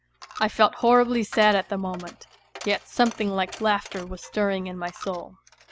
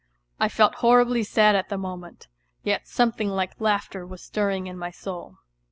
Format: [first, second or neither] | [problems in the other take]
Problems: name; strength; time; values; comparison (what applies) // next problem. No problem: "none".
second | background sound (Coin (dropping)); 19 dB below the speech